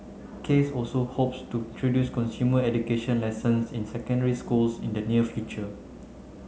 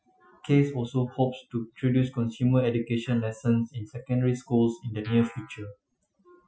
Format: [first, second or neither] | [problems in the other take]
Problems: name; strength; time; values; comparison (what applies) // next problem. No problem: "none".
first | noise reduction (classical method Wiener filter)